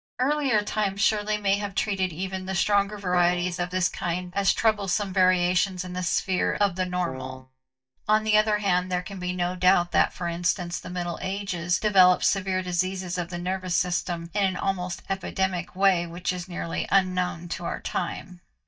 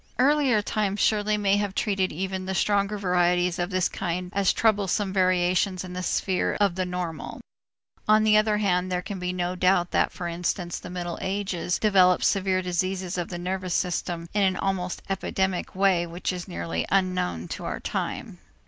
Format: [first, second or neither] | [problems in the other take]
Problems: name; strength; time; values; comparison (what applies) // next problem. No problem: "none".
second | noise reduction (neural mask model DeepFilterNet 3)